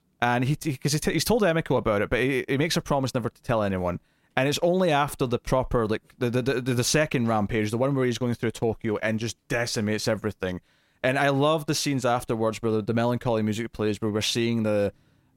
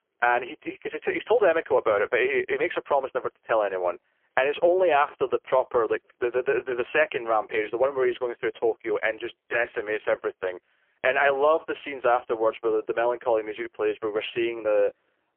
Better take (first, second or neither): first